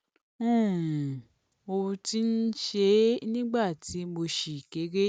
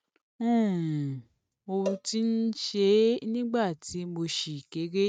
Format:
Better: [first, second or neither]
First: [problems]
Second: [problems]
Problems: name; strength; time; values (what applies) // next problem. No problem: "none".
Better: first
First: none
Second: noise reduction (neural mask model RNNoise)